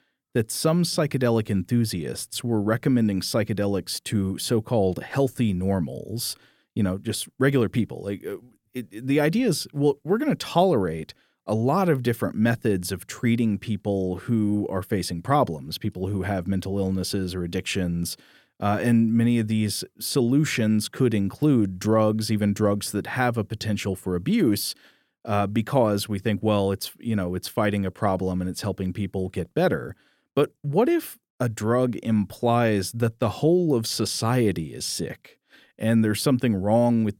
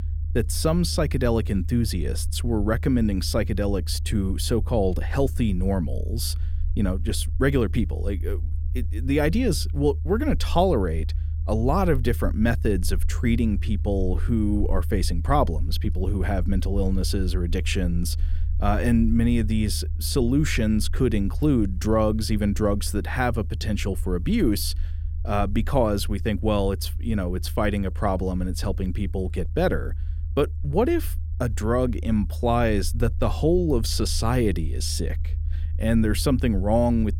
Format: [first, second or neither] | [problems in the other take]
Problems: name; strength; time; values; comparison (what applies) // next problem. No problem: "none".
first | low rumble; faint; throughout; 20 dB below the speech